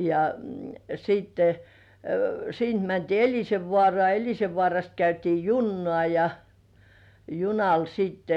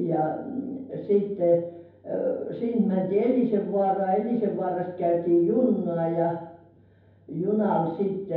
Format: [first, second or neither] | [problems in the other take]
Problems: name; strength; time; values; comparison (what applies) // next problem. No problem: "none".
first | room echo; dies away in 0.9 s